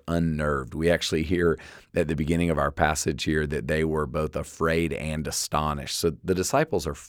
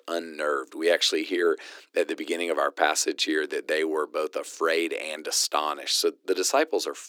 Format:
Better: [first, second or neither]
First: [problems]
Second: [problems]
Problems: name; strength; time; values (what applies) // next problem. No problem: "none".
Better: first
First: none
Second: thin; very; fading below 300 Hz